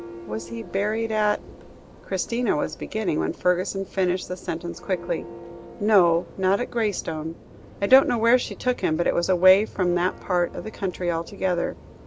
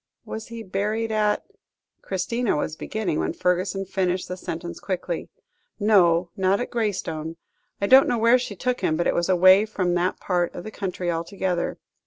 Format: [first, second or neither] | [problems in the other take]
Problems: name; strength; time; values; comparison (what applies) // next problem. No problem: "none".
second | background sound (Church bell); 18 dB below the speech